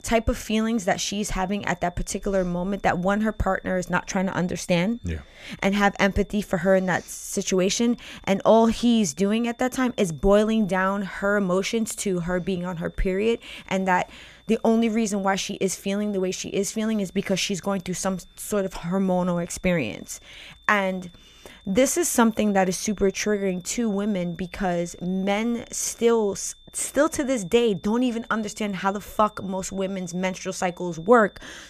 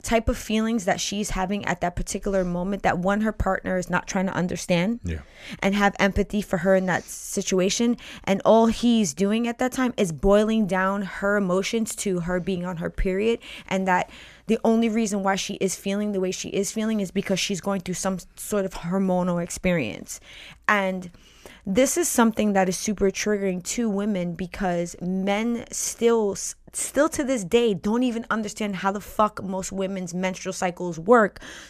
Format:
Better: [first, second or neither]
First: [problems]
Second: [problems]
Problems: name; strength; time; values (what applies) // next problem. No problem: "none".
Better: second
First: high-pitched whine; faint; throughout; 3.5 kHz, 30 dB below the speech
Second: none